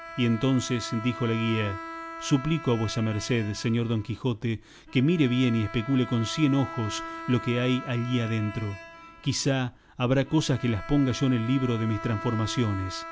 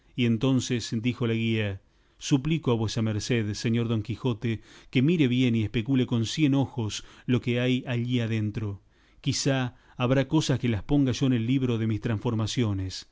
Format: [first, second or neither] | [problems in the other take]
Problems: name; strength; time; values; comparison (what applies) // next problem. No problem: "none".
second | background sound (Bowed string instrument); 13 dB below the speech